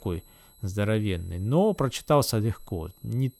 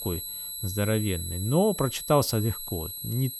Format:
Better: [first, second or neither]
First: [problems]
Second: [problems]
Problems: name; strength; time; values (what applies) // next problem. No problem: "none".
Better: first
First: high-pitched whine; faint; throughout; 11.5 kHz, 30 dB below the speech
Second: high-pitched whine; loud; throughout; 11.5 kHz, 6 dB below the speech